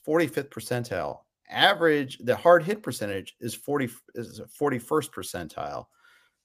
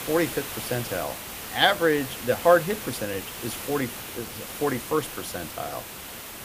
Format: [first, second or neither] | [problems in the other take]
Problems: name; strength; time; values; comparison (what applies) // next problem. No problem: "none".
first | hiss; loud; throughout; 8 dB below the speech